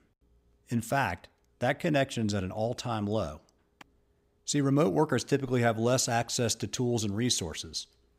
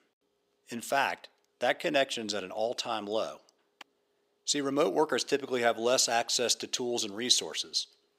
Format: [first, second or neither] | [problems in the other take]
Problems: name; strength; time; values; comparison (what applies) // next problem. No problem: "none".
first | thin; somewhat; fading below 450 Hz